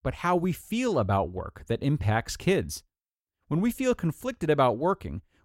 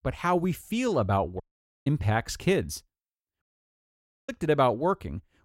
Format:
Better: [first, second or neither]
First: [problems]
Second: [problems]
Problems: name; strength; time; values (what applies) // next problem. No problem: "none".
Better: first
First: none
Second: audio cutting out; at 1.5 s and at 3.5 s for 1 s